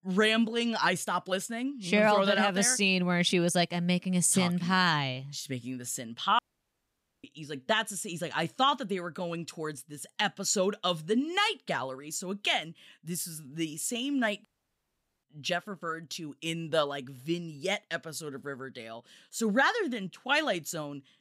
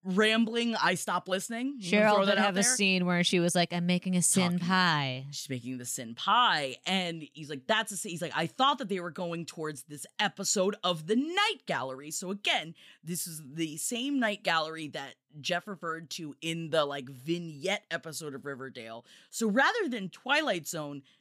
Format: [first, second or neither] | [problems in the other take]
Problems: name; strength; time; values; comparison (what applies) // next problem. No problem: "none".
second | audio cutting out; at 6.5 s for 1 s and at 14 s for 1 s